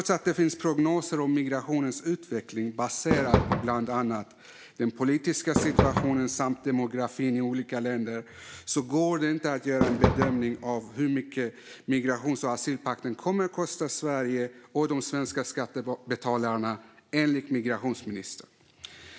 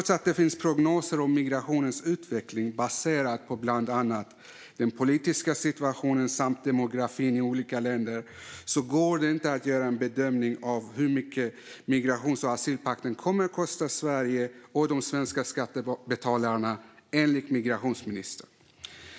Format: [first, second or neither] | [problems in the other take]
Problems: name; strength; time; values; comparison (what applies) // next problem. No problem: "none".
second | background sound (Fireworks); as loud as the speech